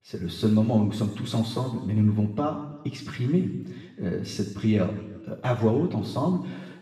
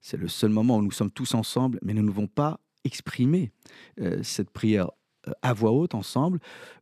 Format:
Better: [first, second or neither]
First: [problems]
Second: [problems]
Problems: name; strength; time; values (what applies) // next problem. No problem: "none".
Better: second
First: room echo; noticeable; dies away in 1.1 s // off-mic speech; far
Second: none